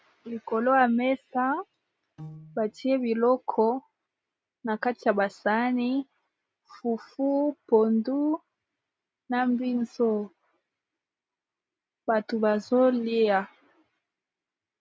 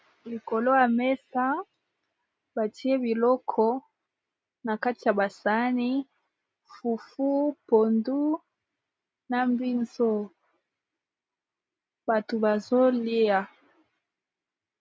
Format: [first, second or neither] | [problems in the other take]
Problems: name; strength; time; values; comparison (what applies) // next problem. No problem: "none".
second | background sound (Piano); 18 dB below the speech